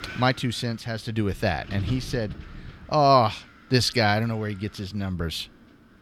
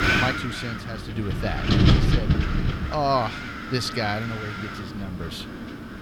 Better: first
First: wind noise on the microphone; occasional gusts; 20 dB below the speech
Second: wind noise on the microphone; heavy; as loud as the speech

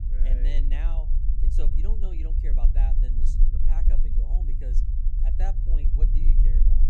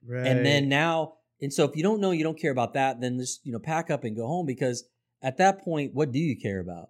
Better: second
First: low rumble; loud; throughout; 2 dB below the speech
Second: none

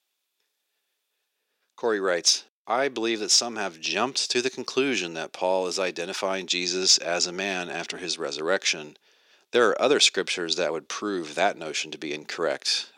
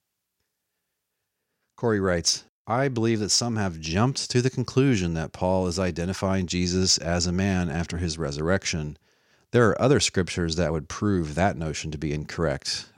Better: second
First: thin; somewhat; fading below 350 Hz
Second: none

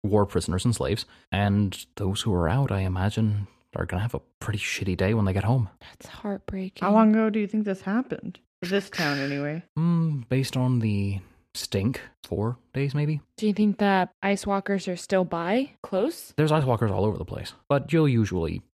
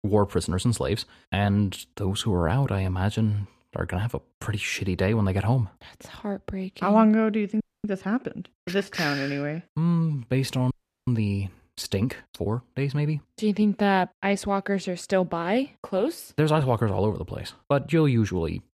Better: first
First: none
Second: audio freezing; at 7.5 s and at 11 s

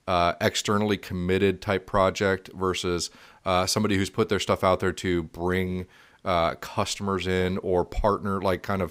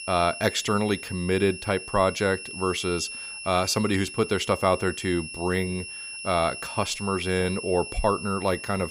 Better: first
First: none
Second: high-pitched whine; loud; throughout; 2.5 kHz, 9 dB below the speech

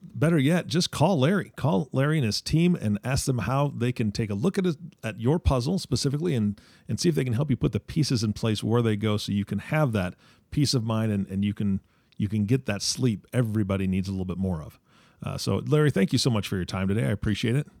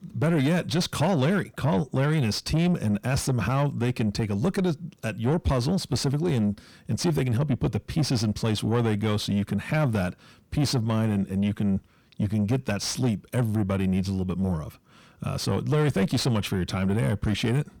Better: first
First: none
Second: distortion; slight; 10 dB below the speech

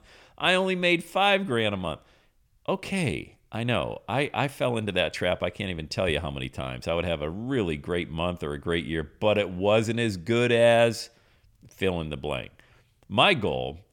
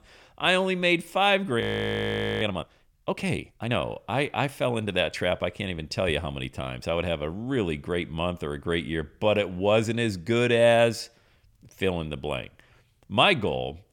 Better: first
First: none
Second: audio freezing; at 1.5 s for 1 s

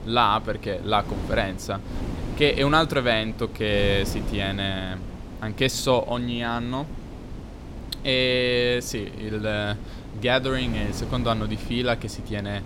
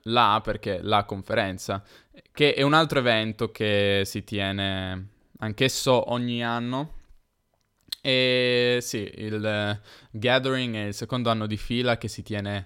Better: second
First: wind noise on the microphone; occasional gusts; 15 dB below the speech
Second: none

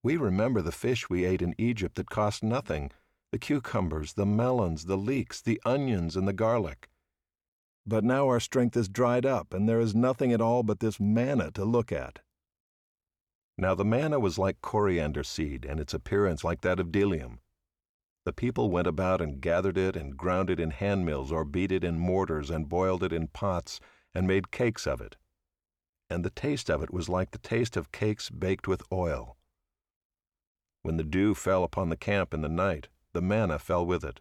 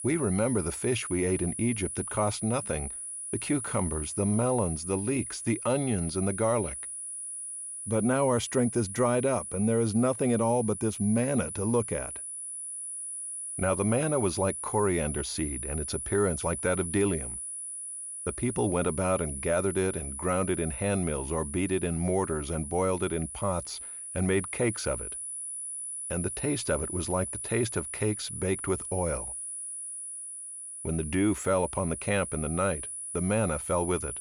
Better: first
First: none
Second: high-pitched whine; loud; throughout; 10 kHz, 6 dB below the speech

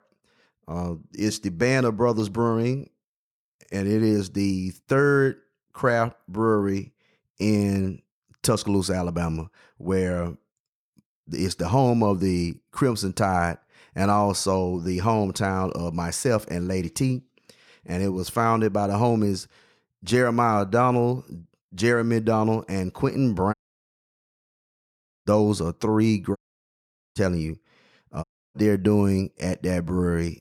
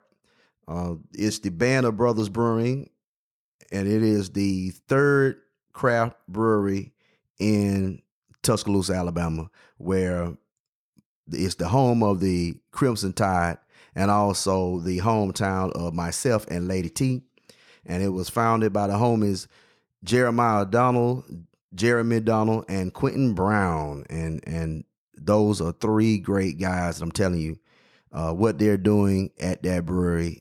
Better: second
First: audio cutting out; at 24 s for 1.5 s, at 26 s for 1 s and at 28 s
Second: none

